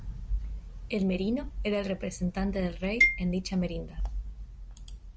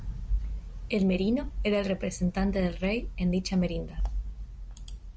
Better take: second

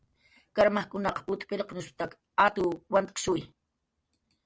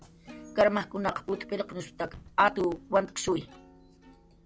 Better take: first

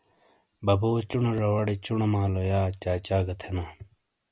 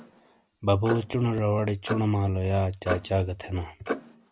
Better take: first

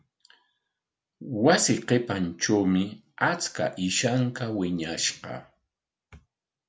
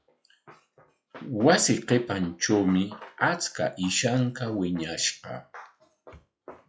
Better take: first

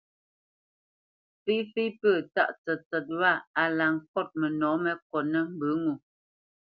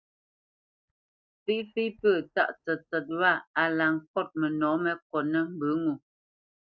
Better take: first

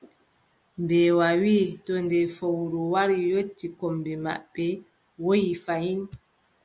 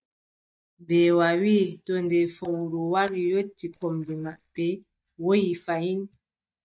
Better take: first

